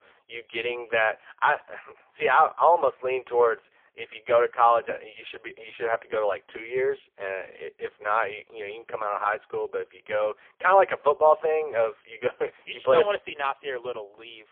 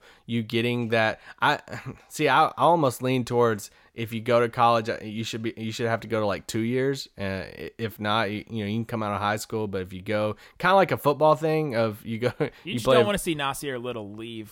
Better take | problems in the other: second | phone-call audio; poor line; nothing above 3.5 kHz

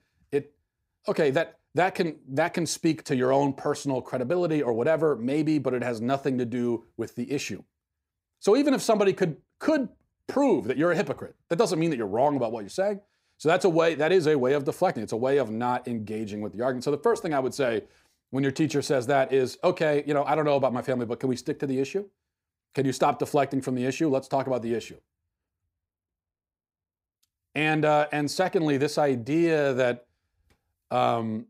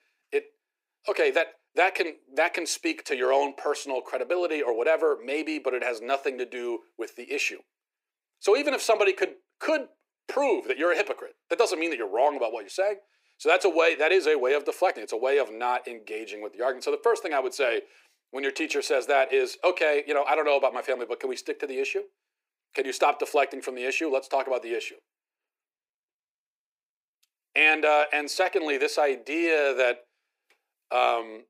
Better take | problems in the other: first | thin; very; fading below 350 Hz

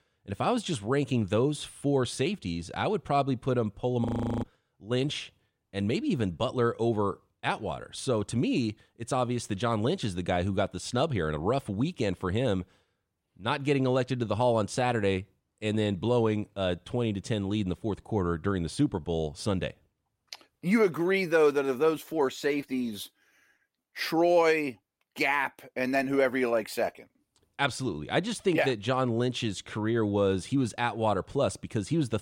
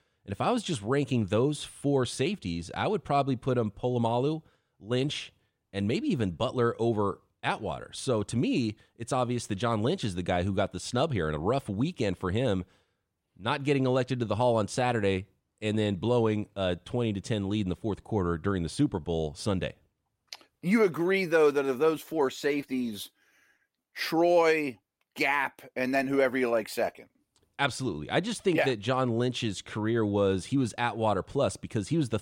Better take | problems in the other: second | audio freezing; at 4 s

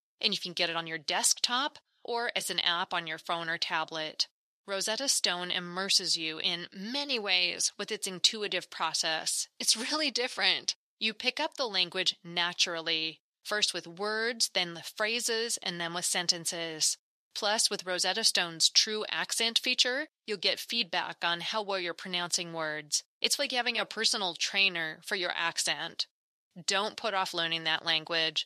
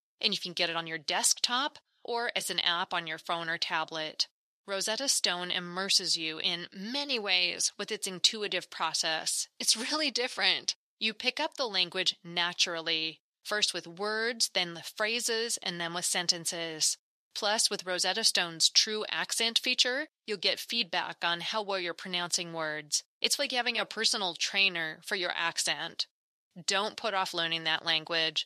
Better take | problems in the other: neither | thin; somewhat; fading below 1 kHz; the same in both

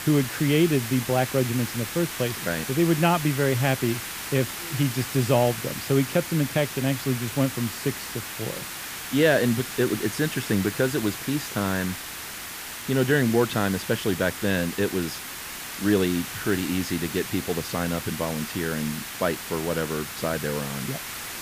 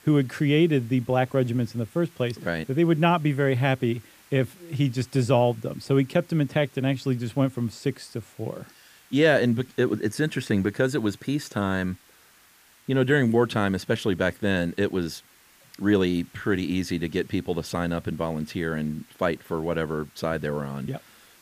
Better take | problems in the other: second | hiss; loud; throughout; 7 dB below the speech; faint in the second

